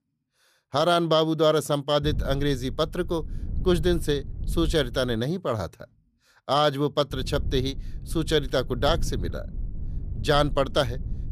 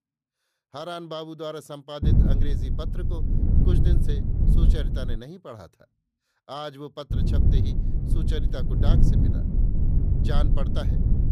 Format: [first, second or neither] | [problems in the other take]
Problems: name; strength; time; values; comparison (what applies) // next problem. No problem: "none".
first | low rumble; loud; from 2 to 5 s and from 7 s on; 1 dB below the speech; faint in the first